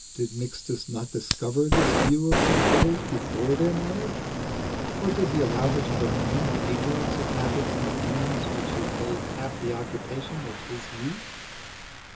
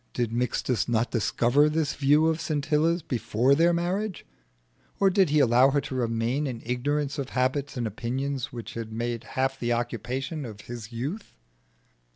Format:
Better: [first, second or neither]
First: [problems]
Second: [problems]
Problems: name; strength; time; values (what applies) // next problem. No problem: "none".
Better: second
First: background sound (Fire); 2 dB above the speech // room echo; dies away in 0.2 s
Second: none